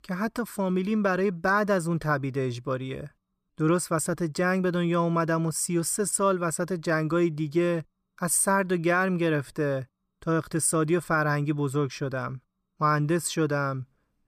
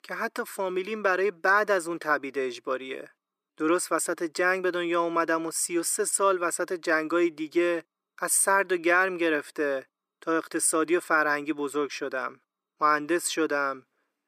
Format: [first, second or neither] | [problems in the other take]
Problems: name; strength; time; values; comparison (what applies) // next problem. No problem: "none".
first | thin; very; fading below 350 Hz